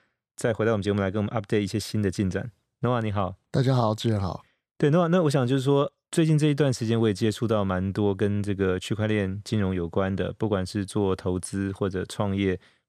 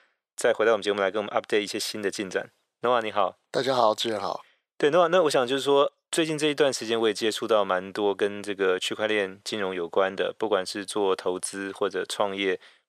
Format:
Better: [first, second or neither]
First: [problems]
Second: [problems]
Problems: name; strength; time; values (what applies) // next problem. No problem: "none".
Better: first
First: none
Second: thin; very; fading below 550 Hz